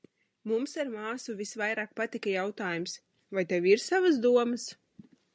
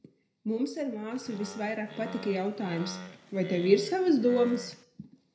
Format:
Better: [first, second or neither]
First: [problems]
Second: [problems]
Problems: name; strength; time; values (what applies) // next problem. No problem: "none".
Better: first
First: none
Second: background sound (Animal); 14 dB below the speech // room echo; dies away in 0.5 s